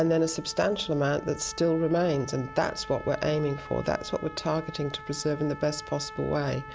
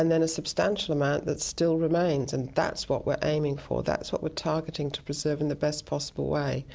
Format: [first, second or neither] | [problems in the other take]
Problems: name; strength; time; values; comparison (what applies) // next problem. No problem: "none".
second | background sound (Trumpet); 16 dB below the speech